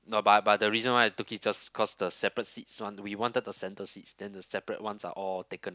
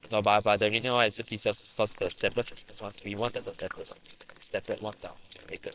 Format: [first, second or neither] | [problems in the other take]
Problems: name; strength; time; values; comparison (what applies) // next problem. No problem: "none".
first | noise reduction (neural separator model SepFormer WHAMR!)